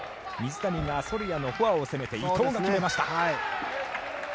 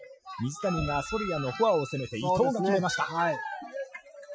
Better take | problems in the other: first | noise reduction (classical method Wiener filter)

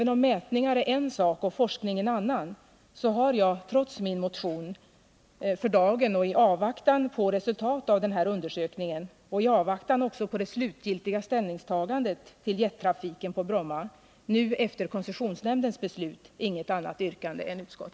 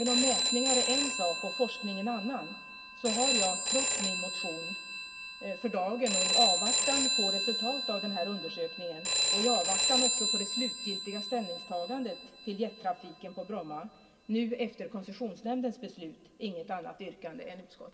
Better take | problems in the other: first | background sound (Telephone); 2 dB above the speech // room echo; dies away in 1.4 s

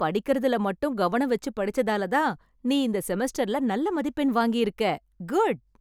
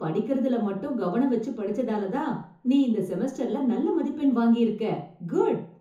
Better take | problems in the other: first | room echo; dies away in 0.6 s

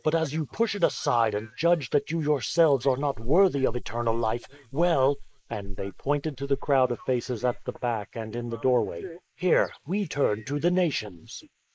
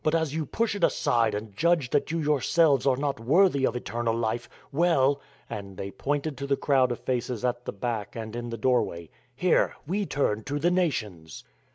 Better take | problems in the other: second | noise reduction (neural mask model Resemble Enhance denoiser)

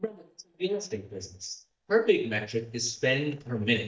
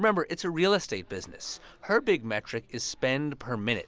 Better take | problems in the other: second | noise reduction (neural mask model DeepFilterNet 3)

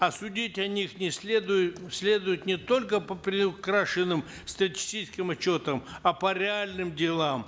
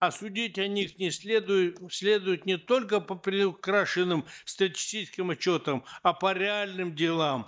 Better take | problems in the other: first | noise reduction (neural mask model DeepFilterNet 3)

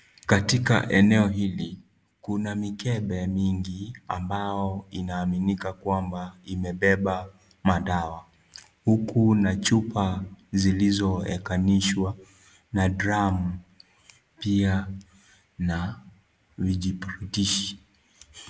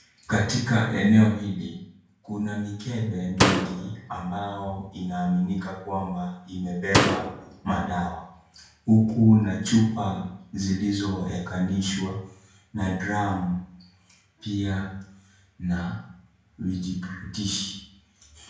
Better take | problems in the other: first | background sound (Slam); 1 dB above the speech // room echo; dies away in 0.5 s

